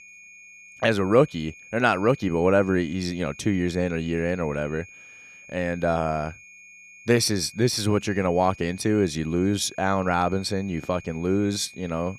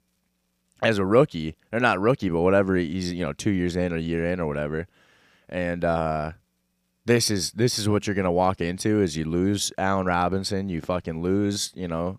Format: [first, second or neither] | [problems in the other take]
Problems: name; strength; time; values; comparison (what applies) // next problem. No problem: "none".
second | high-pitched whine; faint; throughout; 2.5 kHz, 20 dB below the speech